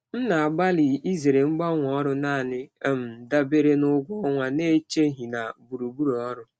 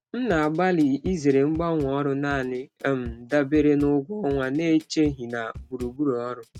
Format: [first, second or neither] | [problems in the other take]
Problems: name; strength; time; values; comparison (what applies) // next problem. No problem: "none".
first | noise reduction (neural mask model RNNoise)